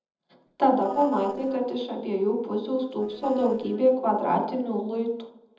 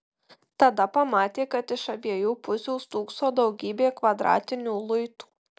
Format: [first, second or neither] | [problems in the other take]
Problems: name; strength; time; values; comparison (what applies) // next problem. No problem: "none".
second | noise reduction (neural separator model SepFormer DNS4)